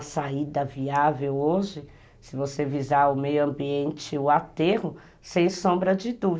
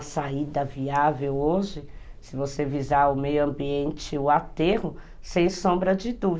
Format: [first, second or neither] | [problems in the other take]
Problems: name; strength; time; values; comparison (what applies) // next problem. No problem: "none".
first | background sound (Mechanical fan); 14 dB below the speech